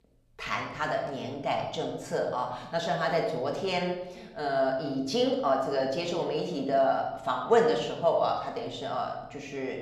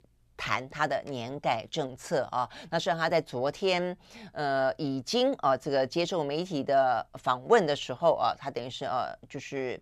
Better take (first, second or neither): second